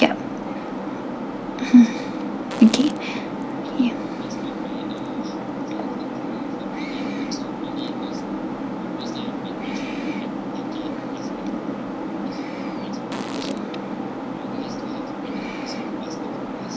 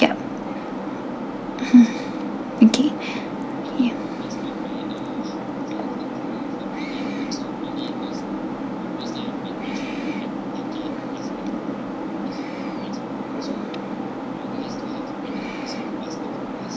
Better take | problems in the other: second | background sound (Fart); 13 dB below the speech

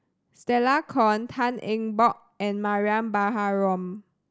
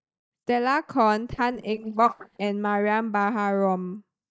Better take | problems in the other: first | noise reduction (neural mask model DeepFilterNet 3)

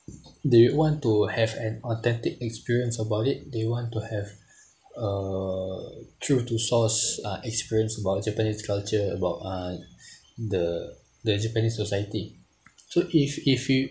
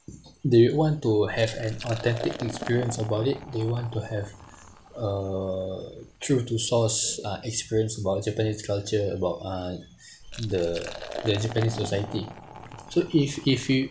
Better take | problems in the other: first | background sound (Liquid); 15 dB below the speech

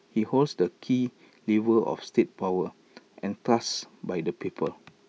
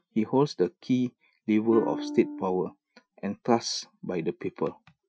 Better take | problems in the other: first | noise reduction (classical method Wiener filter)

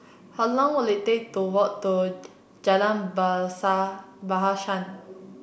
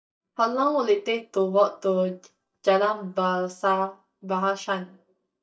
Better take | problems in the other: first | noise reduction (neural mask model DeepFilterNet 3)

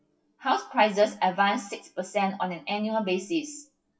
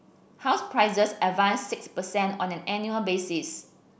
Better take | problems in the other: second | noise reduction (classical method WPE with log-MMSE)

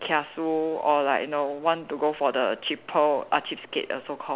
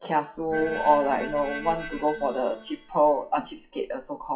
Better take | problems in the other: first | noise reduction (classical method WPE with log-MMSE)

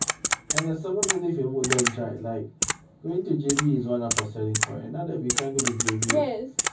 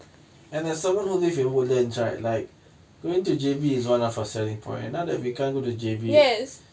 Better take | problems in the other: second | background sound (Typing); 1 dB below the speech // room echo; dies away in 0.4 s

